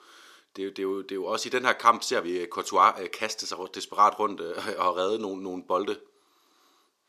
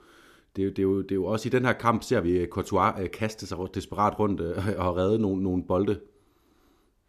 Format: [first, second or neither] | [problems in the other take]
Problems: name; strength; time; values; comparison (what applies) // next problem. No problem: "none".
second | thin; somewhat; fading below 450 Hz